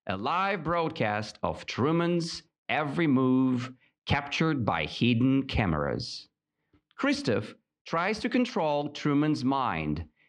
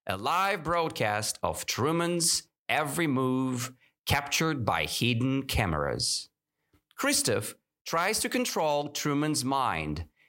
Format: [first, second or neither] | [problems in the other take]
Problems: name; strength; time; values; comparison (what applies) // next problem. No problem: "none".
second | muffled; slightly; fading above 4 kHz